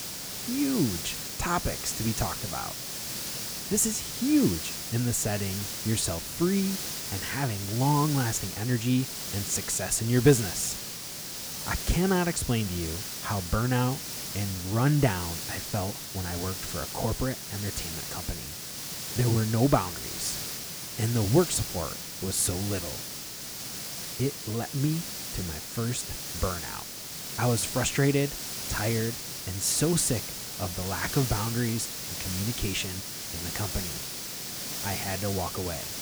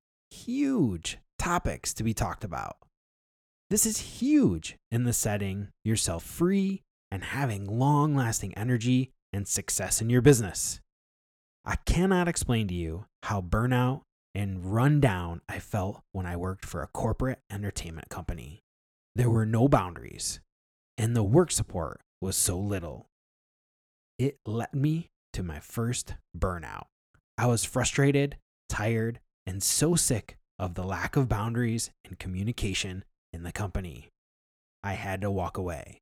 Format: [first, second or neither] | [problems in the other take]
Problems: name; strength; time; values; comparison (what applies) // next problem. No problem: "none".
second | hiss; loud; throughout; 5 dB below the speech